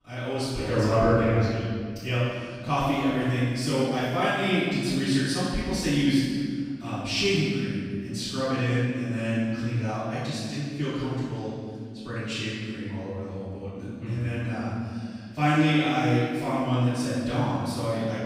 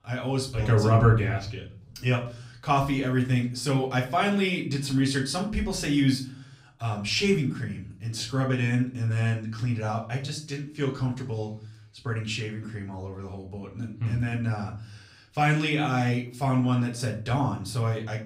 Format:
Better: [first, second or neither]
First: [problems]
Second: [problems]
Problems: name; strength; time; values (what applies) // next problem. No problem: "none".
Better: second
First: room echo; strong; dies away in 2.1 s // off-mic speech; far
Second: room echo; slight; dies away in 0.4 s // off-mic speech; far